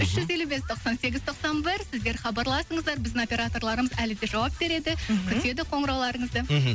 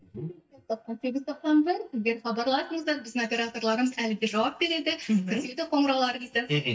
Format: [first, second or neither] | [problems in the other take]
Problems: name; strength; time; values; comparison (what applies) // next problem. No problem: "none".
first | noise reduction (neural mask model DeepFilterNet 3)